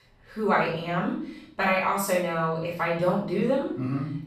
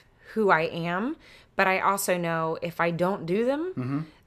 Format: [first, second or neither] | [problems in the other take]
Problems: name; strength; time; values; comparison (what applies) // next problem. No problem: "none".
second | off-mic speech; far // room echo; noticeable; dies away in 0.5 s